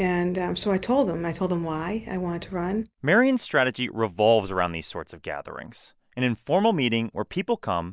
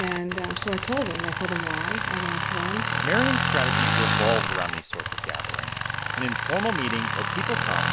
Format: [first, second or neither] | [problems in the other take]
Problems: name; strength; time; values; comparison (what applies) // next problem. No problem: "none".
first | background sound (Tools); 3 dB above the speech